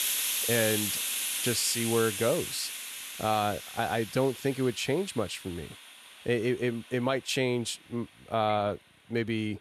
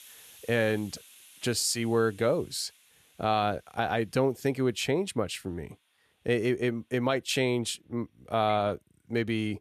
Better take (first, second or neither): second